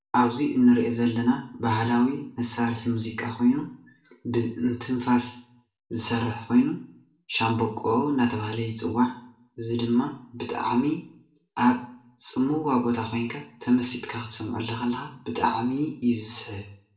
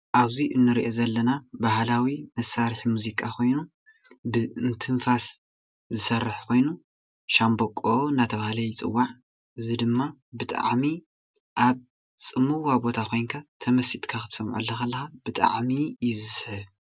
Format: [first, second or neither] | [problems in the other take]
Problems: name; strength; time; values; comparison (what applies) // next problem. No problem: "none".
second | room echo; dies away in 0.4 s